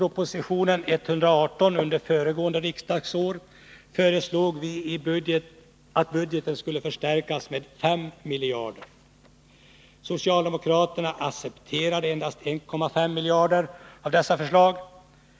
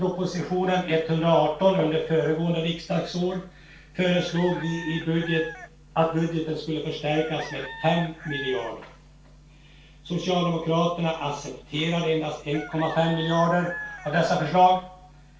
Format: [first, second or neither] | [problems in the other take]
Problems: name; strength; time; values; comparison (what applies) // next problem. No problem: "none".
first | background sound (Chicken, rooster); 15 dB below the speech // room echo; dies away in 0.3 s